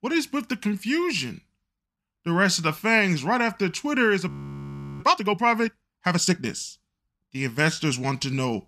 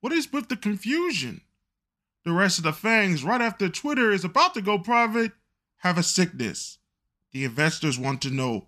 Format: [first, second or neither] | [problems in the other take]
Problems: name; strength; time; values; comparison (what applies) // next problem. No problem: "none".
second | audio freezing; at 4.5 s for 0.5 s